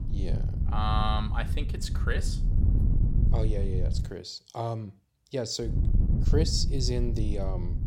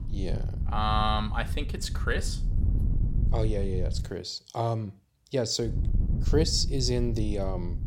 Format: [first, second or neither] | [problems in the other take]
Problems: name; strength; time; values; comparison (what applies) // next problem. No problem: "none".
second | wind noise on the microphone; heavy; until 4 s and from 5.5 s on; 9 dB below the speech; occasional gusts in the second